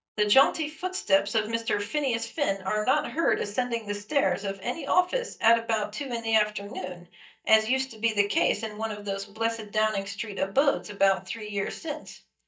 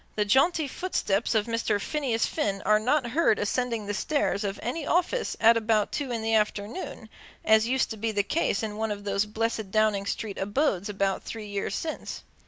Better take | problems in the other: second | noise reduction (neural mask model DeepFilterNet 3)

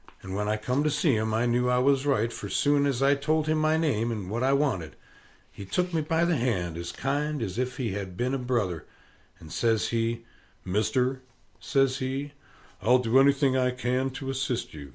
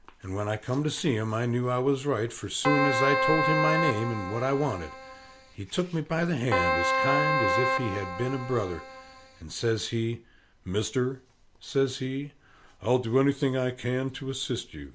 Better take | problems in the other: first | background sound (Keyboard (musical)); 1 dB above the speech

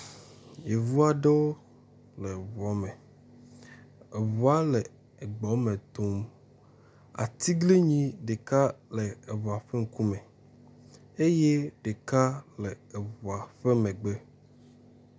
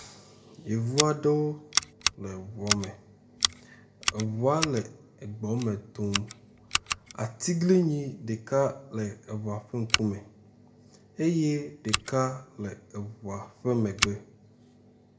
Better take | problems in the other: first | background sound (Scissors); 5 dB below the speech // room echo; dies away in 0.5 s

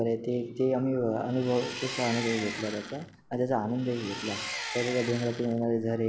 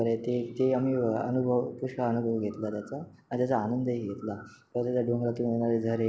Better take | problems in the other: second | background sound (Engine); 9 dB below the speech

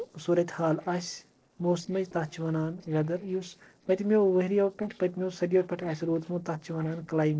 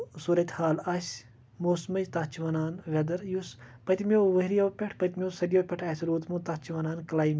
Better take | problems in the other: second | noise reduction (neural separator model SepFormer DNS4)

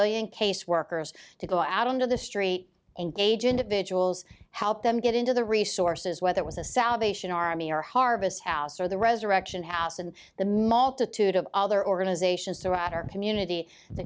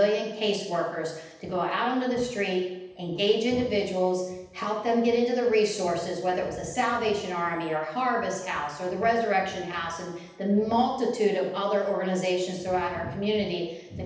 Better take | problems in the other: first | room echo; dies away in 0.9 s

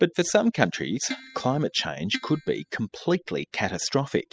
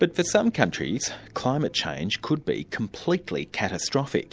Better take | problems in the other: second | noise reduction (classical method spectral subtraction)

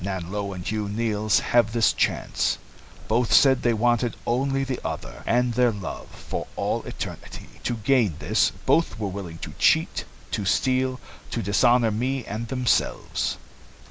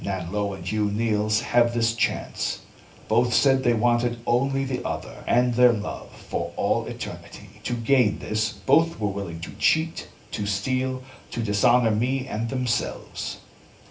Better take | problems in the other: first | room echo; dies away in 0.3 s

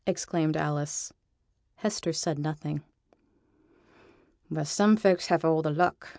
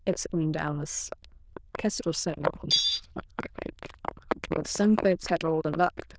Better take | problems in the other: first | noise reduction (neural diffusion model UNIVERSE++)

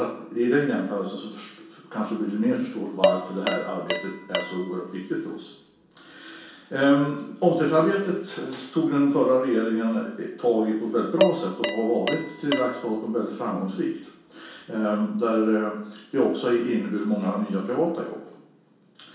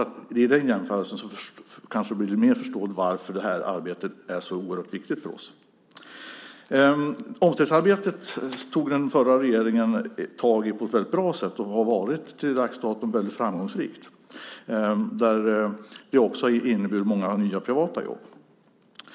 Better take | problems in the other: second | background sound (Dishes, pots, and pans); 6 dB below the speech // room echo; dies away in 0.6 s

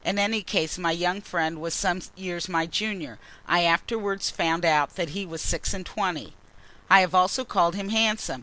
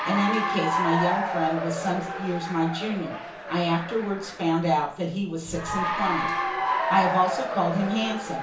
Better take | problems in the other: first | background sound (Applause / Cheering); 3 dB below the speech // room echo; dies away in 0.7 s

